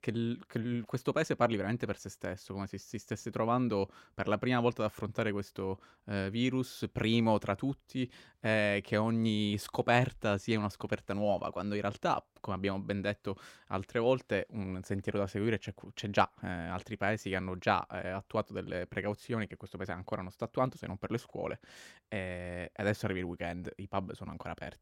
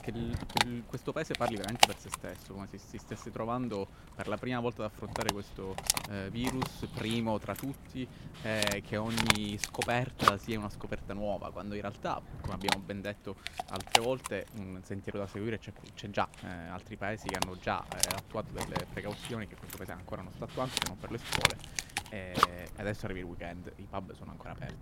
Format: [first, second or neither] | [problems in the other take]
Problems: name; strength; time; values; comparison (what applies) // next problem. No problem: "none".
first | animal sounds; very loud; throughout; 5 dB above the speech